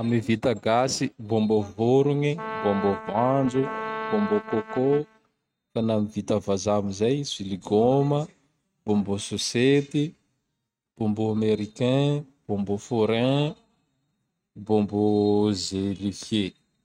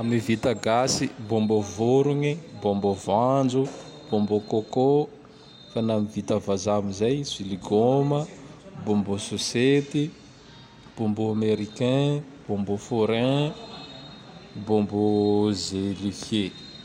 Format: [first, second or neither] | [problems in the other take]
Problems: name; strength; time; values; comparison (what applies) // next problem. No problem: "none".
second | noise reduction (neural mask model RNNoise)